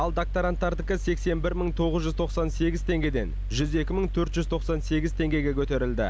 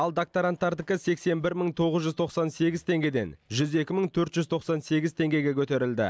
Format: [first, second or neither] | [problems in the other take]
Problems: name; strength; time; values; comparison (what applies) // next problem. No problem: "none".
second | background sound (Mechanical fan); 3 dB below the speech